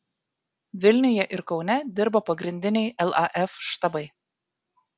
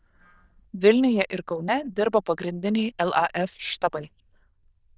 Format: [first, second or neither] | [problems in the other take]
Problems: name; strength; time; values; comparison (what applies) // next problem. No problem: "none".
first | noise reduction (neural diffusion model UNIVERSE++)